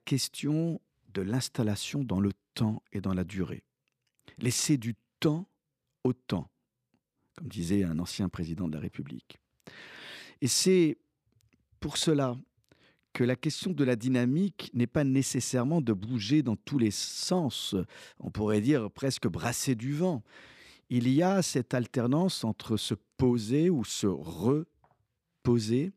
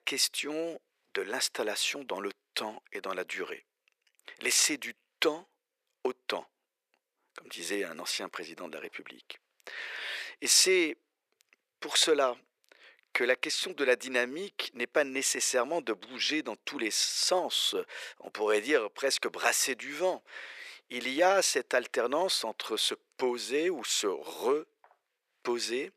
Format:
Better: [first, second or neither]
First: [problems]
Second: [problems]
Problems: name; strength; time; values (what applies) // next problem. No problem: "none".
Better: first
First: none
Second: thin; very; fading below 450 Hz